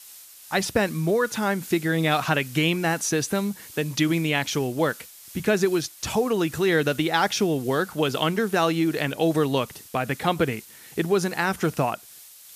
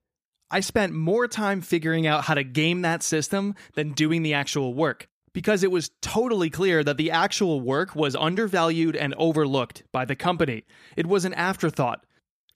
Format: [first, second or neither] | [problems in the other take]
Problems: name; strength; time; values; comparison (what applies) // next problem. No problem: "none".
second | hiss; noticeable; throughout; 20 dB below the speech